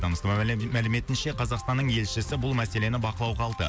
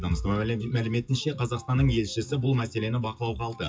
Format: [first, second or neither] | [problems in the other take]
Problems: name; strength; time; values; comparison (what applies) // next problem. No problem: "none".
first | noise reduction (classical method WPE with log-MMSE)